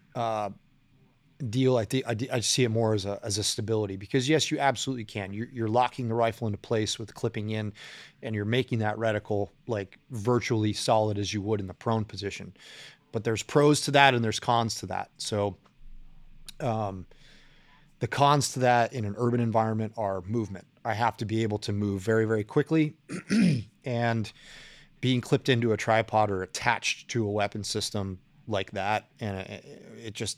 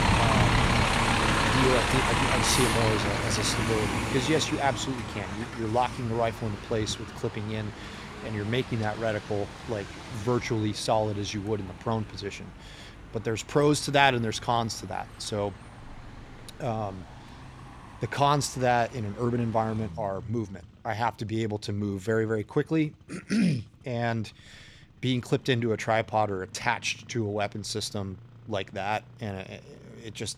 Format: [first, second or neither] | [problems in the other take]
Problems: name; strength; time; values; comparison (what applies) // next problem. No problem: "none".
first | traffic noise; very loud; throughout; as loud as the speech